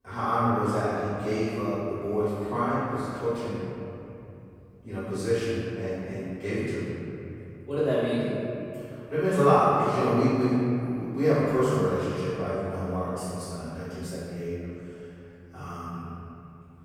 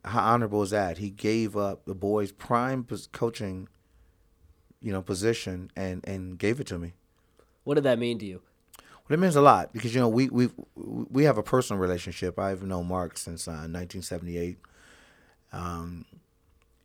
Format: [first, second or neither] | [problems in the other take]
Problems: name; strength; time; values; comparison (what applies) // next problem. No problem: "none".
second | off-mic speech; far // room echo; strong; dies away in 2.7 s